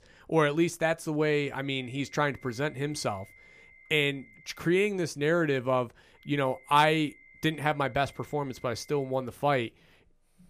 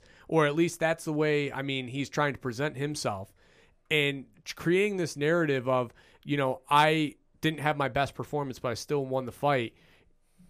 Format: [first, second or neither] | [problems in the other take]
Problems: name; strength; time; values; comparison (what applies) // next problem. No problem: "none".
second | high-pitched whine; faint; from 1.5 to 4.5 s and from 6 to 9 s; 2 kHz, 25 dB below the speech